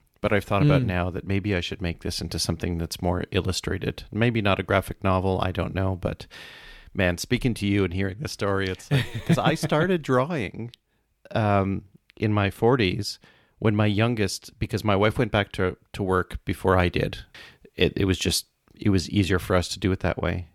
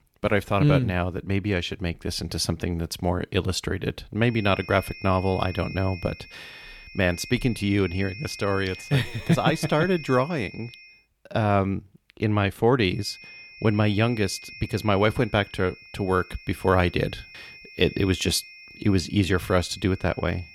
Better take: first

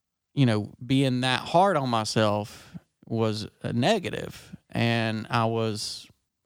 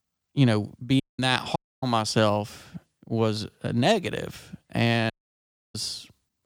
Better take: first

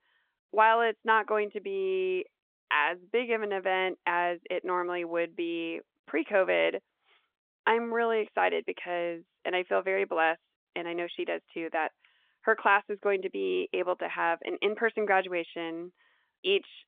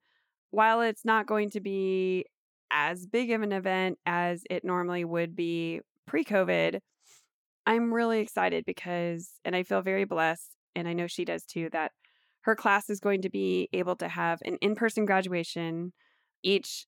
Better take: second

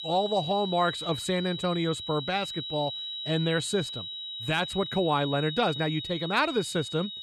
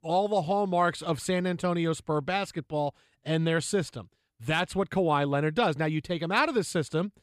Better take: second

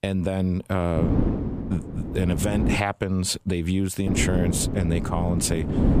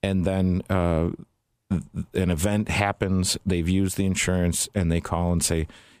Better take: second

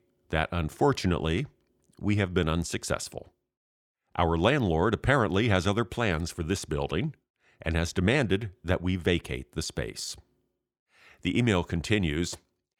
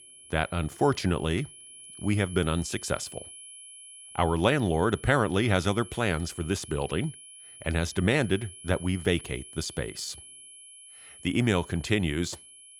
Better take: first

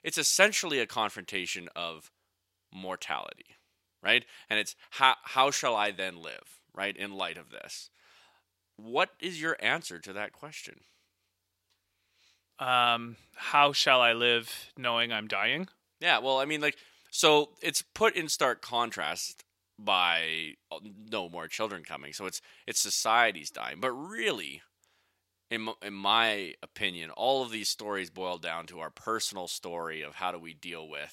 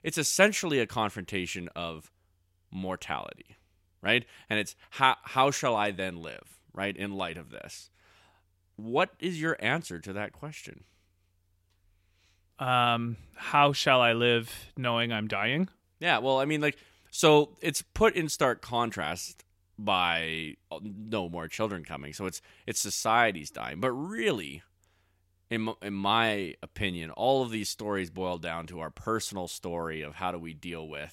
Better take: second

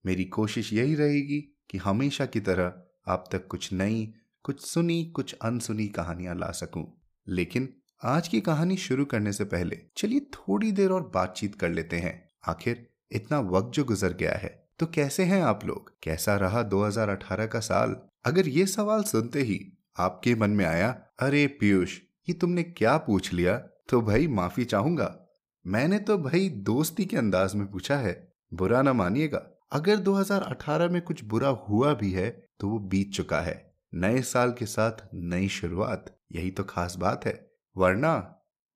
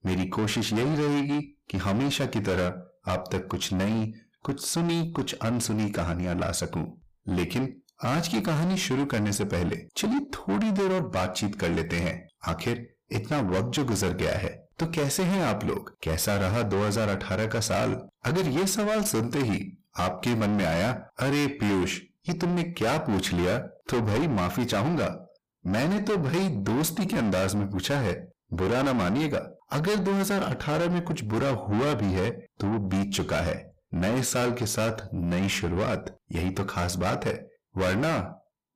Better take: first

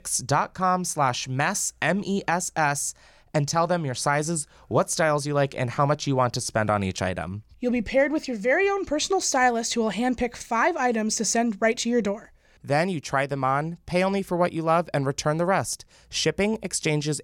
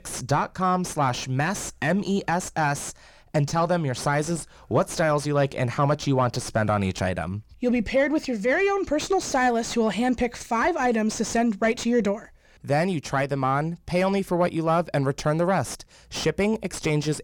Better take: first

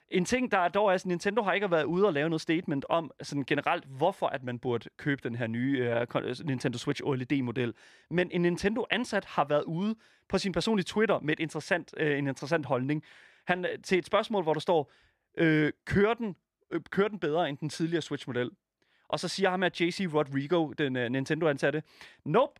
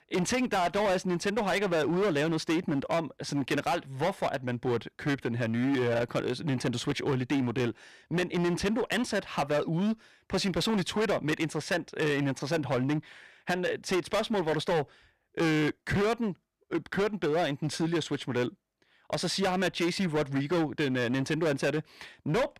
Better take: first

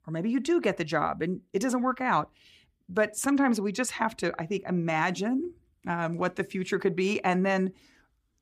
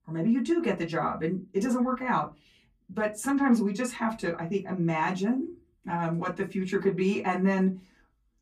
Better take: first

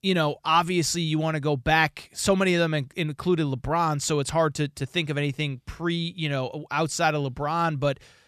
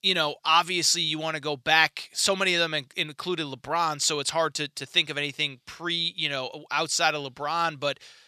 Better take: first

